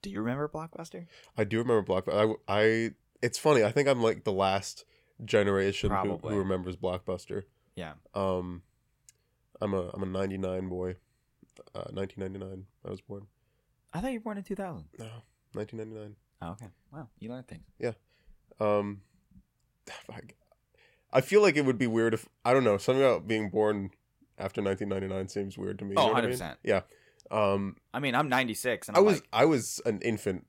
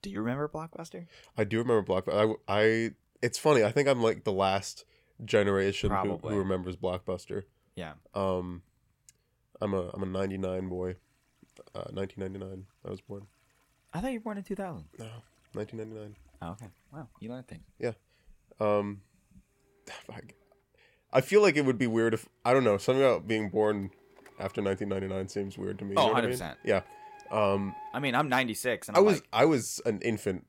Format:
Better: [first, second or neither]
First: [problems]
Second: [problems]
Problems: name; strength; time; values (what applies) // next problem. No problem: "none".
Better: first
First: none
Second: household noises; faint; throughout; 25 dB below the speech